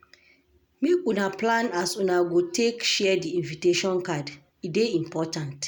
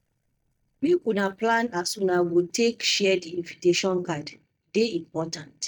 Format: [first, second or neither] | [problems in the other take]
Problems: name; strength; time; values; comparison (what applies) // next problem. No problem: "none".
first | noise reduction (neural mask model DeepFilterNet 3)